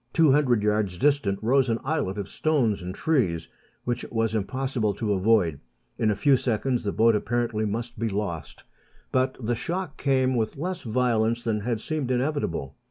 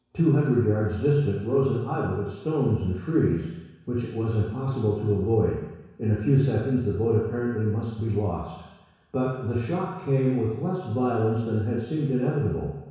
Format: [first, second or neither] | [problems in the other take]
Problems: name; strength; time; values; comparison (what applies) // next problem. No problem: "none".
first | room echo; dies away in 1.1 s